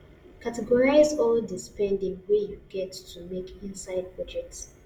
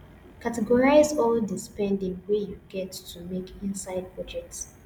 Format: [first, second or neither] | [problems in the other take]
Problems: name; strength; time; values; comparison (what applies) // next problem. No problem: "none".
second | room echo; dies away in 0.2 s